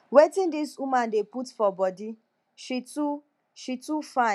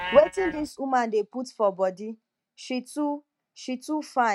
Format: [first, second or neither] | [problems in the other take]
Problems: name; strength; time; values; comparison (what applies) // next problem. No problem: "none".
first | noise reduction (neural mask model RNNoise)